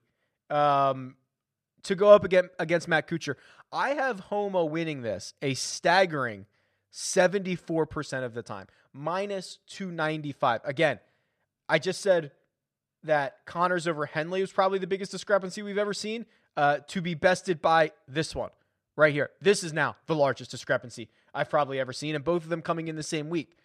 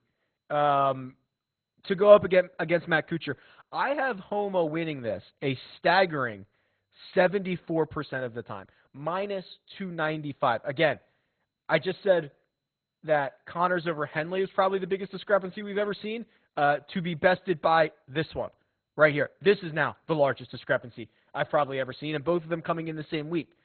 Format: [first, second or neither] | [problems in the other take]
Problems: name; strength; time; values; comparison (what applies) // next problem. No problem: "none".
first | garbled, watery; badly; nothing above 4 kHz